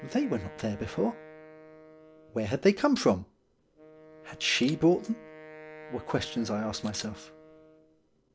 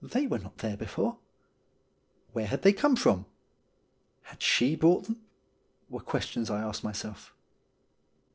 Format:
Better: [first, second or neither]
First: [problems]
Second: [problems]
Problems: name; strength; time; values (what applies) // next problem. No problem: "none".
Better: second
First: background sound (Camera + Wind instrument, woodwind instrument); 18 dB below the speech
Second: none